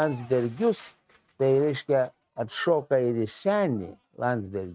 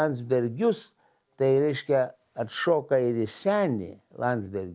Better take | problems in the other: second | noise reduction (neural mask model RNNoise)

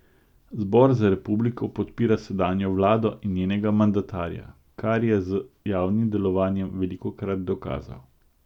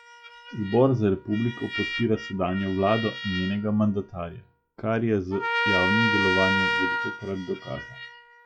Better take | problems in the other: first | noise reduction (classical method log-MMSE)

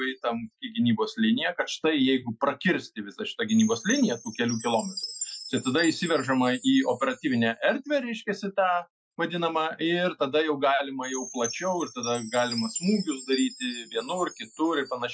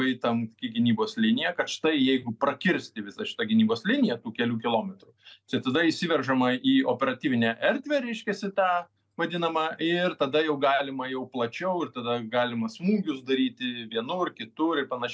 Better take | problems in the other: second | noise reduction (classical method Wiener filter)

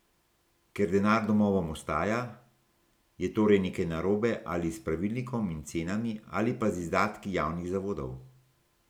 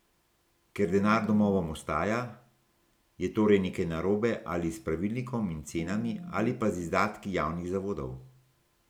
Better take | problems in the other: first | background sound (Organ); 12 dB below the speech

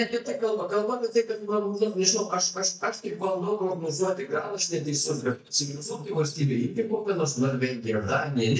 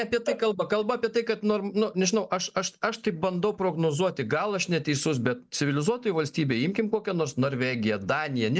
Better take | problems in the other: second | noise reduction (neural mask model DeepFilterNet 3)

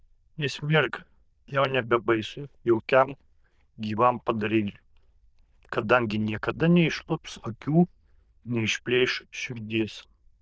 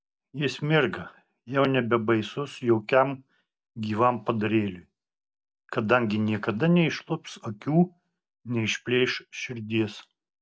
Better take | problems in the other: second | noise reduction (neural diffusion model UNIVERSE++)

